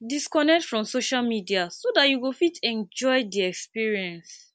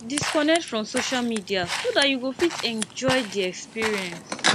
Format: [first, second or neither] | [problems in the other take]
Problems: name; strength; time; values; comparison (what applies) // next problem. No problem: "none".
first | background sound (Walk, footsteps + Scissors); 5 dB below the speech